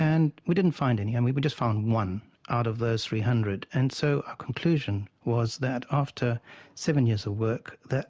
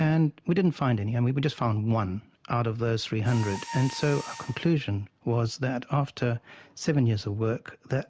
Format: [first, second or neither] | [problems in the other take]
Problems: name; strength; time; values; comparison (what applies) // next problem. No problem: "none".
first | background sound (Mechanisms); 20 dB below the speech